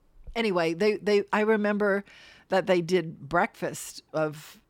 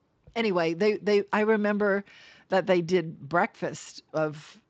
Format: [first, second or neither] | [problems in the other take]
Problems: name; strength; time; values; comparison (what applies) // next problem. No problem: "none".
first | garbled, watery; slightly; nothing above 7.5 kHz